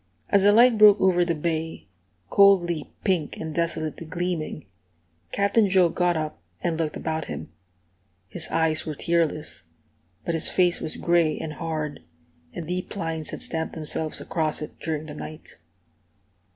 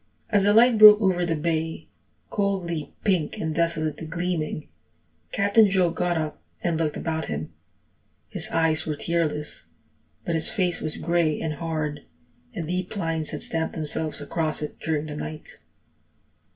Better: first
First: none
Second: room echo; dies away in 0.2 s

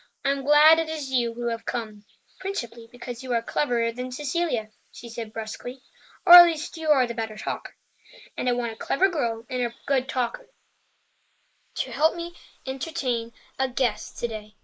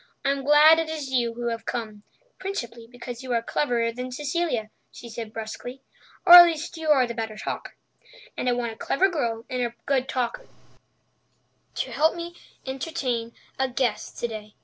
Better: second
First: noise reduction (neural mask model Resemble Enhance denoiser)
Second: none

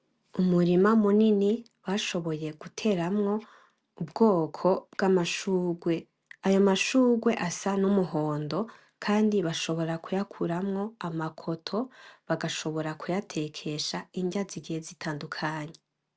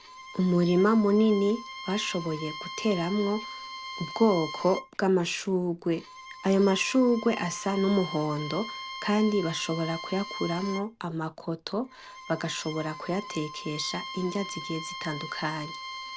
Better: first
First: none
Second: background sound (Bowed string instrument); 12 dB below the speech

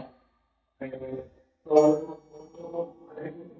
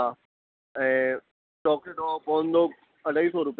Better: second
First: noise reduction (neural mask model DeepFilterNet 3)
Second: none

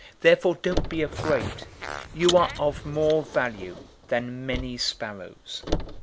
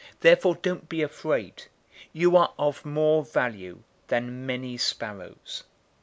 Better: second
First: background sound (Fart + Car); 7 dB below the speech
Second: none

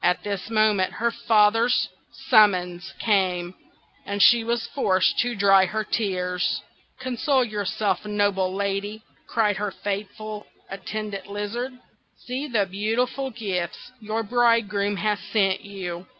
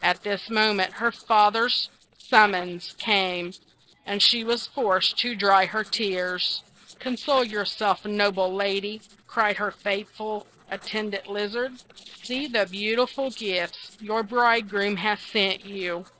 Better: first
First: none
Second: noise reduction (neural separator model SepFormer DNS4)

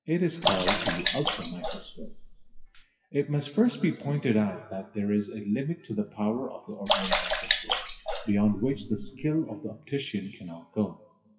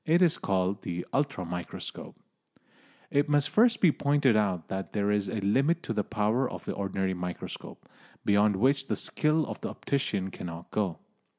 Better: second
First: noise reduction (classical method WPE with log-MMSE)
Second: none

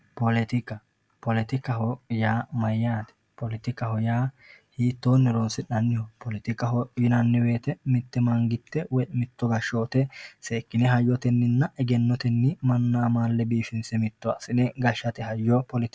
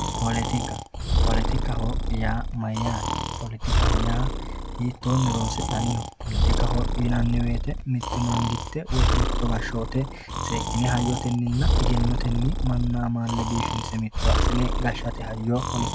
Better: first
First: none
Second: background sound (Breathing); 3 dB above the speech

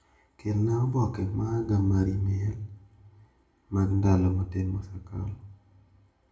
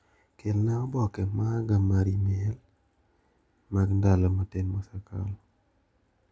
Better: second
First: room echo; dies away in 0.5 s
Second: none

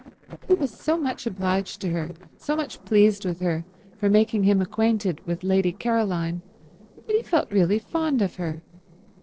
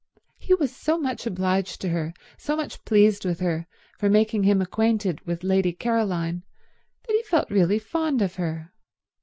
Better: second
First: noise reduction (neural separator model SepFormer DNS4)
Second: none

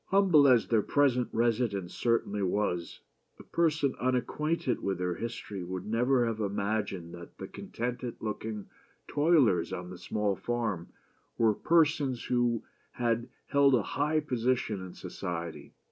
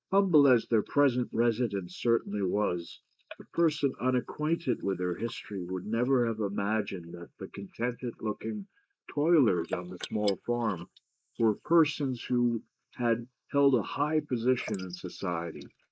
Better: first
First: none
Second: noise reduction (neural mask model Resemble Enhance denoiser)

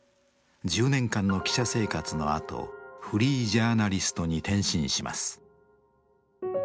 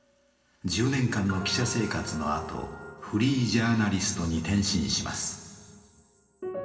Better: first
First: none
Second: room echo; dies away in 2.2 s

